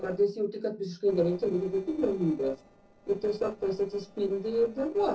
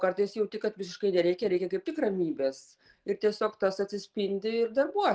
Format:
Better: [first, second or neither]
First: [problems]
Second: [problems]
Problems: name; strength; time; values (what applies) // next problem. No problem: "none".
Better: second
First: noise reduction (neural separator model SepFormer DNS4)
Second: none